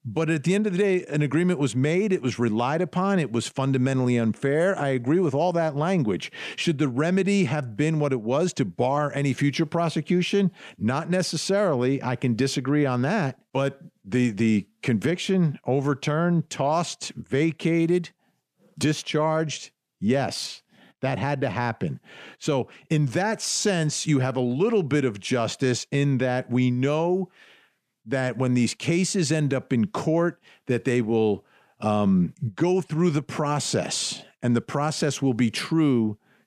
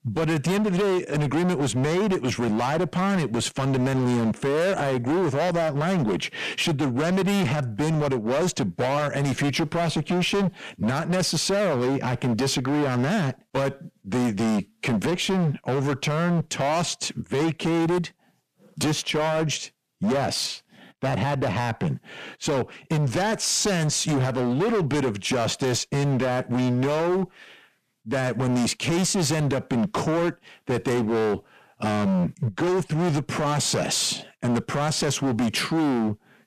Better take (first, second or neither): first